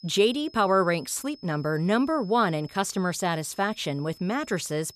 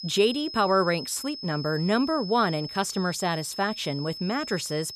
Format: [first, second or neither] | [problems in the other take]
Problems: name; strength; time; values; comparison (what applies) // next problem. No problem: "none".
first | high-pitched whine; loud; throughout; 5 kHz, 10 dB below the speech; faint in the first